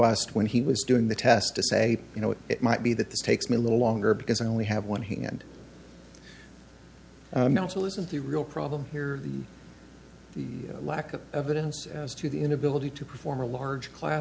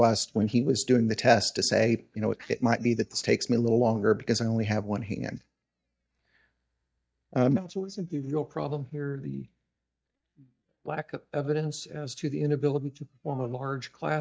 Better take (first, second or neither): first